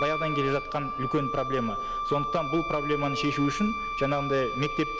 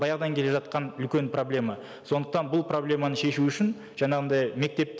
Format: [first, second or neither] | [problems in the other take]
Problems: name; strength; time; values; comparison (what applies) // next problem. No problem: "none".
second | background sound (Wind instrument, woodwind instrument); 3 dB below the speech